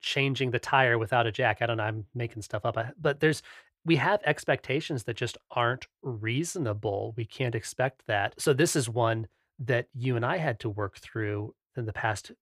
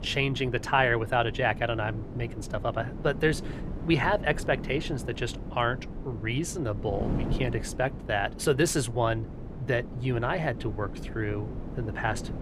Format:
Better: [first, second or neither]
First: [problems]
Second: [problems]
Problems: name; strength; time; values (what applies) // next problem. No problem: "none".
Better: first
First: none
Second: wind noise on the microphone; occasional gusts; 15 dB below the speech